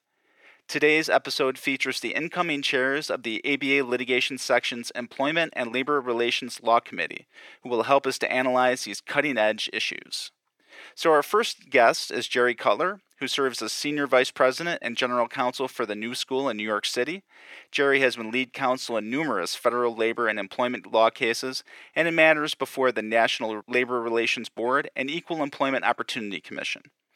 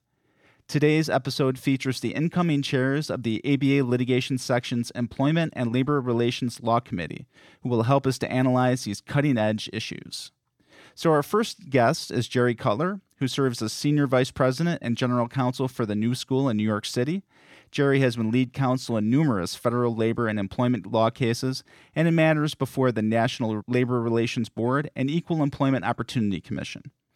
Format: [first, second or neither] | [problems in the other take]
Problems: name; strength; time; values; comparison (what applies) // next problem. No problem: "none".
second | thin; somewhat; fading below 500 Hz